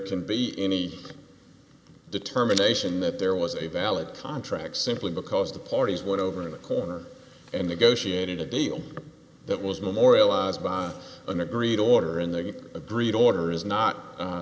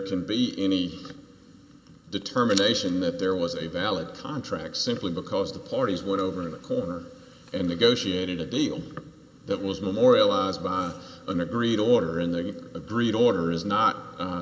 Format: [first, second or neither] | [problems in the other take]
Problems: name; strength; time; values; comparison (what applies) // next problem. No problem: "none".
first | room echo; dies away in 0.6 s